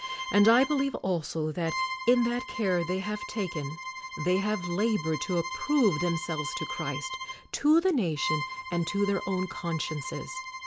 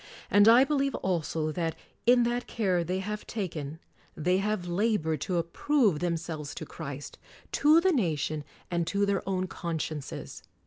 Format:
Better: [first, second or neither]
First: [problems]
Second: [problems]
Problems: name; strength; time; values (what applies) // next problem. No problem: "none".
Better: second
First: background sound (Bowed string instrument); 9 dB below the speech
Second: none